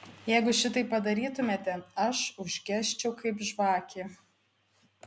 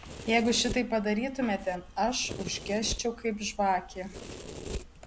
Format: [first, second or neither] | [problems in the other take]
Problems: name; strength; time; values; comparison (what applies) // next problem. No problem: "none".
first | background sound (Domestic sounds, home sounds); 12 dB below the speech